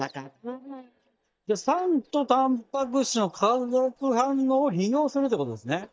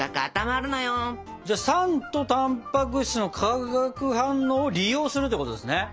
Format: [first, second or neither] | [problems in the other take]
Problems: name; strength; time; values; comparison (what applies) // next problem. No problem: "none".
second | noise reduction (neural mask model DeepFilterNet 3)